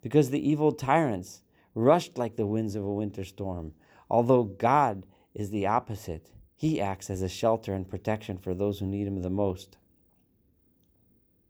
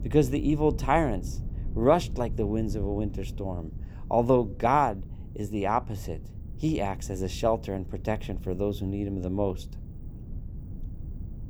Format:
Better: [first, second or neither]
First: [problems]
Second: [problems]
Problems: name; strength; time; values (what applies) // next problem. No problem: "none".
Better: first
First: none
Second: low rumble; faint; throughout; 25 dB below the speech